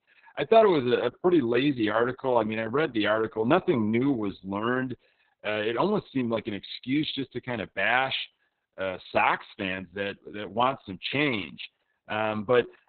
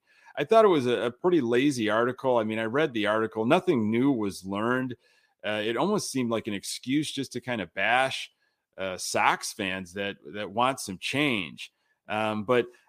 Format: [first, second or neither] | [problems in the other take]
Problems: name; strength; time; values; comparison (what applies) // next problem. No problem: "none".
second | garbled, watery; badly; nothing above 4 kHz